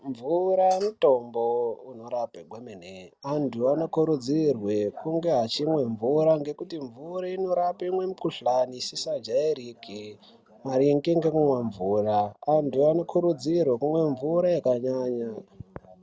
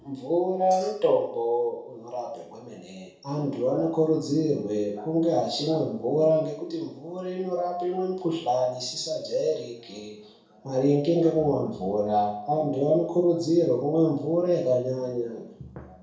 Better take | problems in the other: first | room echo; dies away in 0.6 s

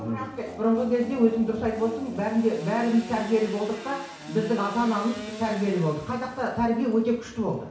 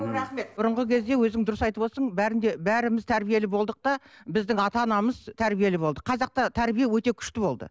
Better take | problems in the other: second | background sound (Sawing / Engine); 15 dB below the speech // room echo; dies away in 0.6 s

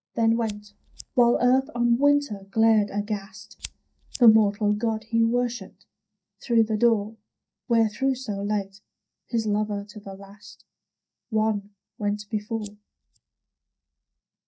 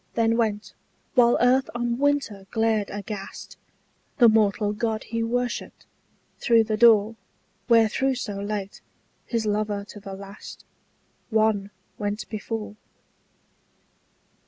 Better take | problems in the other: second | noise reduction (neural mask model DeepFilterNet 3)

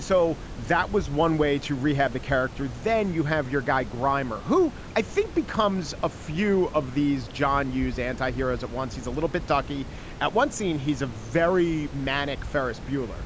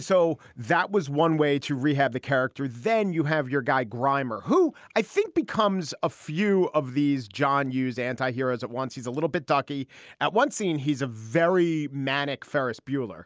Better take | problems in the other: second | background sound (Water + Wind); 11 dB below the speech

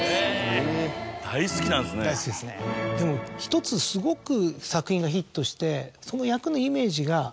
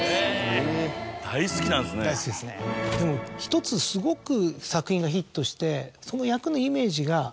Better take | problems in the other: first | background sound (Telephone); 15 dB below the speech

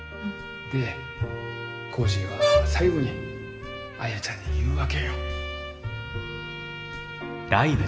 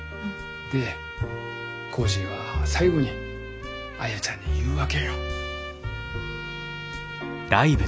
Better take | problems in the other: second | background sound (Brass instrument); 1 dB above the speech // room echo; dies away in 2.1 s

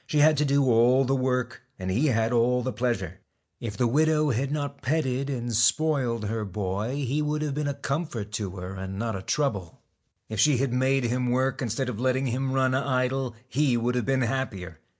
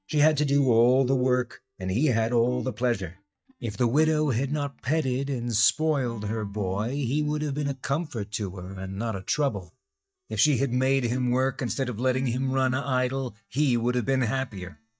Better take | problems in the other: first | noise reduction (neural mask model DeepFilterNet 3)

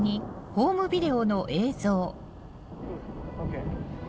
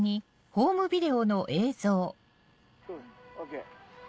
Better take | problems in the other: second | background sound (Thunder); 8 dB below the speech

